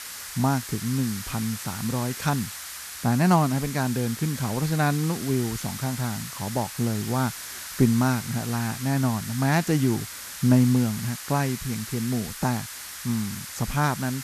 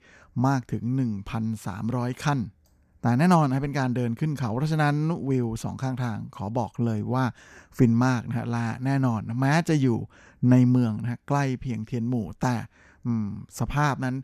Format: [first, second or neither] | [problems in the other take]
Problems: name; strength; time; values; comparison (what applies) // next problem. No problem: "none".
second | hiss; loud; throughout; 9 dB below the speech